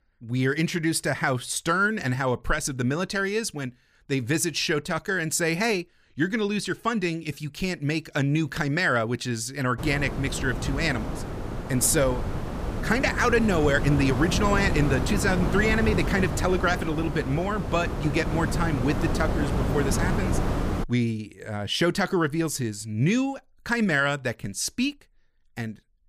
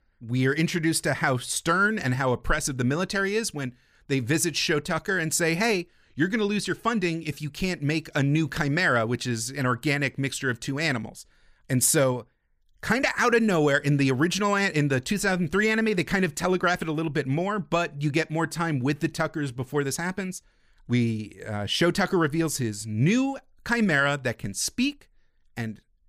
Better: second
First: wind noise on the microphone; heavy; from 10 to 21 s; 7 dB below the speech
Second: none

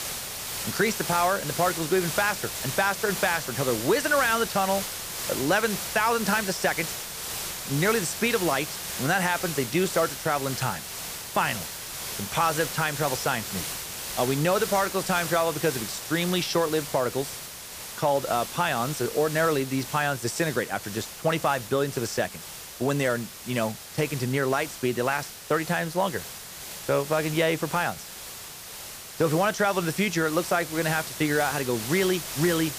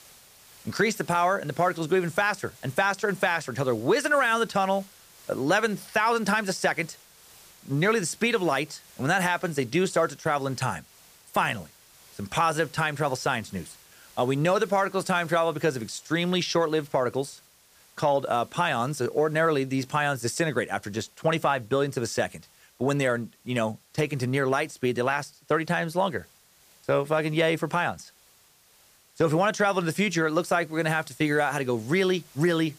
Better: second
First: hiss; loud; throughout; 7 dB below the speech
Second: hiss; faint; throughout; 25 dB below the speech

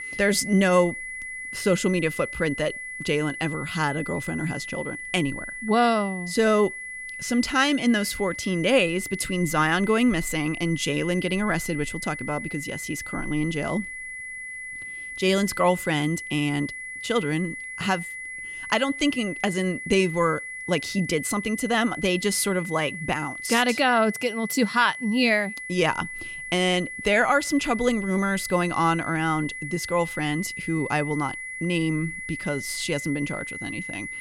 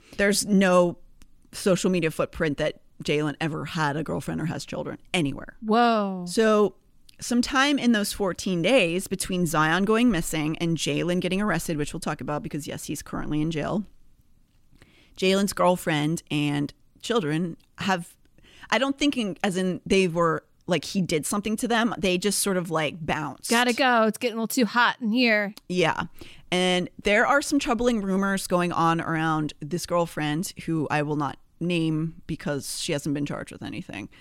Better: second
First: high-pitched whine; loud; throughout; 2 kHz, 9 dB below the speech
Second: none

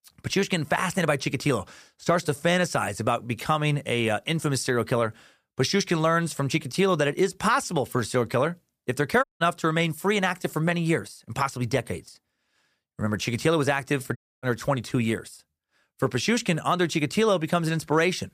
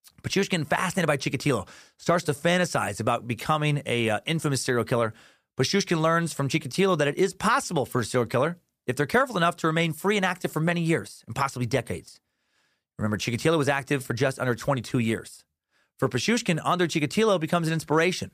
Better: second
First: audio cutting out; at 9 s and at 14 s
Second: none

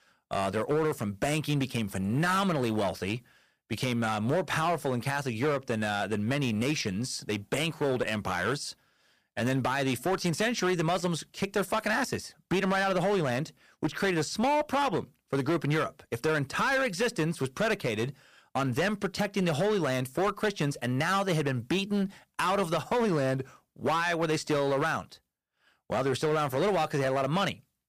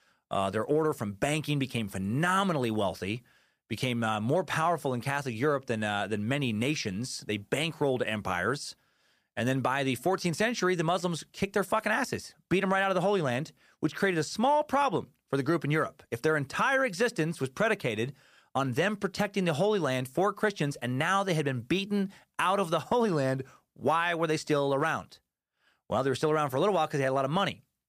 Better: second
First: distortion; slight; 12% of the sound clipped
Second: none

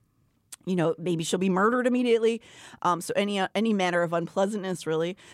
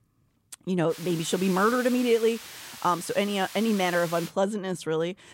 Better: first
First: none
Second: hiss; noticeable; from 1 to 4.5 s; 15 dB below the speech

